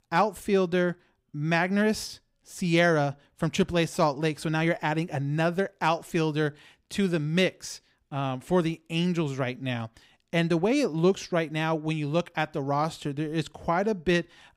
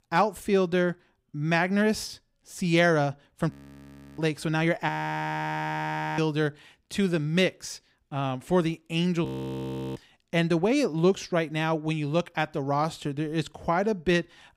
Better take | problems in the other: first | audio freezing; at 3.5 s for 0.5 s, at 5 s for 1.5 s and at 9.5 s for 0.5 s

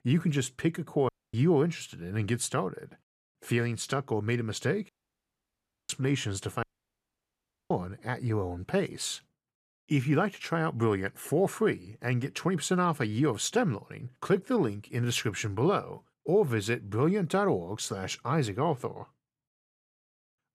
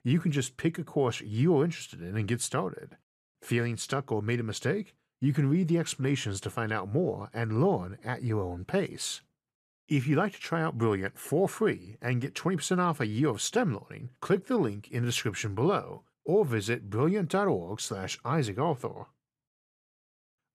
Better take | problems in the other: second | audio cutting out; at 1 s, at 5 s for 1 s and at 6.5 s for 1 s

